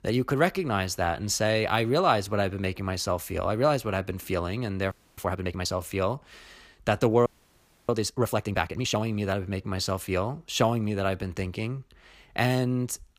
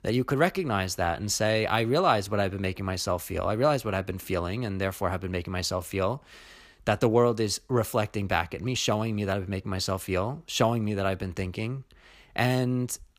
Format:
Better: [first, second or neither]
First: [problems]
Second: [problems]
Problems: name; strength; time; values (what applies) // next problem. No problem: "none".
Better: second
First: audio freezing; at 5 s and at 7.5 s for 0.5 s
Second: none